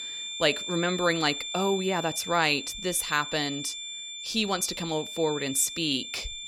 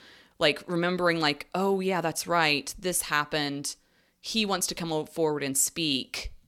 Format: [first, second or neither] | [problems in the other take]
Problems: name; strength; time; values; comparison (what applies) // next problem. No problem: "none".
second | high-pitched whine; loud; throughout; 3.5 kHz, 7 dB below the speech